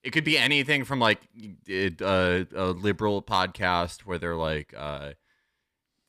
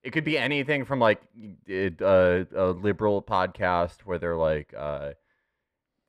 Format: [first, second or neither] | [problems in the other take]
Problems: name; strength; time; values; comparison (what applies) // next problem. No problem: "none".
first | muffled; very; fading above 3 kHz